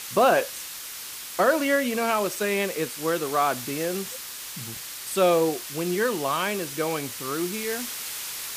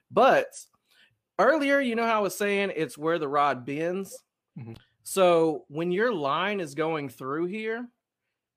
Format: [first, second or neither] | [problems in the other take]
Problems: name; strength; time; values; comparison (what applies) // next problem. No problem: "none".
second | hiss; loud; throughout; 8 dB below the speech